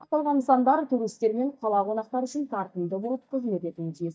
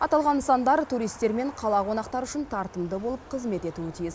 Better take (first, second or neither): second